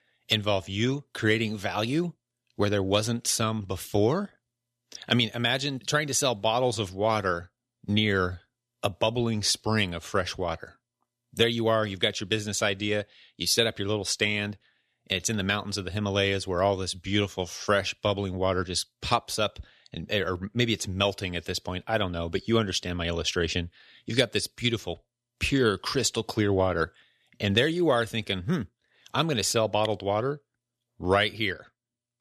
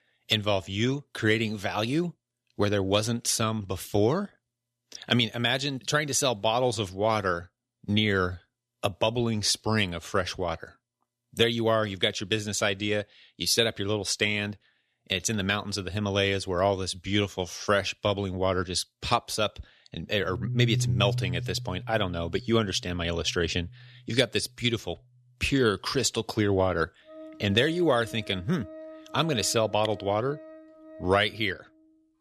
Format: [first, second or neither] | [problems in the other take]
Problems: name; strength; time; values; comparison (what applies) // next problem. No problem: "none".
first | background music; noticeable; from 20 s on; 10 dB below the speech